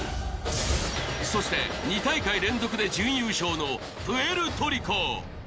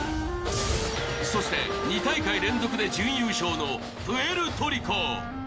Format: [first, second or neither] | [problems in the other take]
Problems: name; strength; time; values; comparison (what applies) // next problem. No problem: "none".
first | background sound (Wind instrument, woodwind instrument); 7 dB below the speech // room echo; dies away in 0.5 s